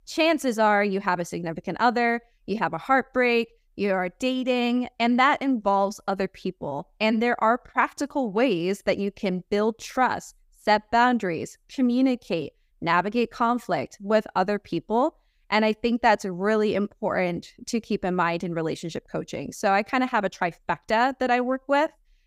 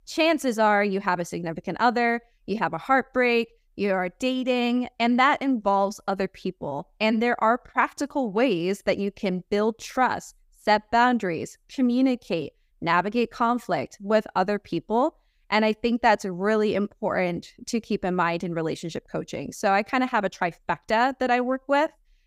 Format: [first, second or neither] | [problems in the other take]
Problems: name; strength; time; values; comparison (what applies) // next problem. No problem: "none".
neither | none